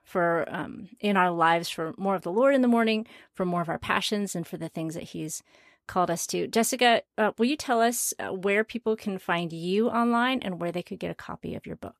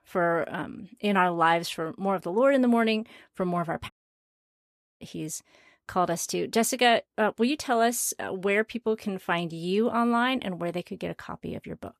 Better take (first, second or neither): first